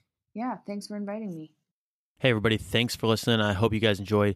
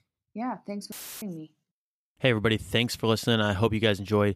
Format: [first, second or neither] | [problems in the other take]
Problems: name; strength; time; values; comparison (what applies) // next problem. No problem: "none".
first | audio cutting out; filled with static; at 1 s